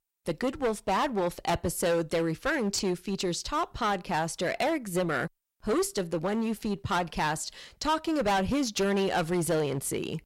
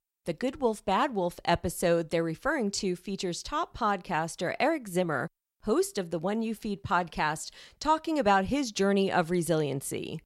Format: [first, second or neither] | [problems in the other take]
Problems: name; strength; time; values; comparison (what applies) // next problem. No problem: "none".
second | distortion; heavy; 13% of the sound clipped